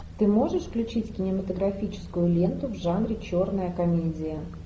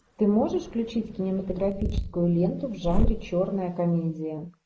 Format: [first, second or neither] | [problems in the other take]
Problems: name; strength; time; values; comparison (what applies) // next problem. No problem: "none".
first | noise reduction (neural mask model Resemble Enhance denoiser)